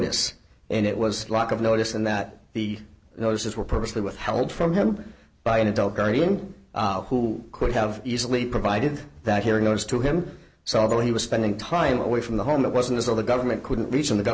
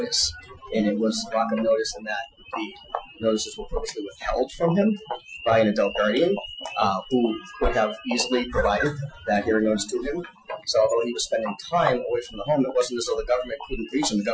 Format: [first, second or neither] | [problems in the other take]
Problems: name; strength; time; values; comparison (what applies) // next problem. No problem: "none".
first | noise reduction (classical method Wiener filter)